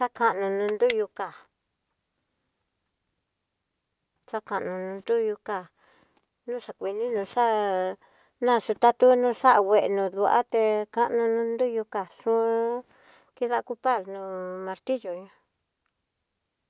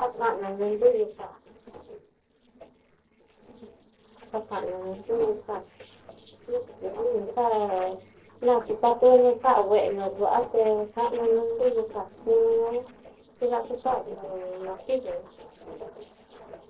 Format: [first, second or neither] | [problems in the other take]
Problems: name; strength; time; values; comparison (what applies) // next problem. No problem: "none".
first | noise reduction (neural separator model SepFormer DNS4)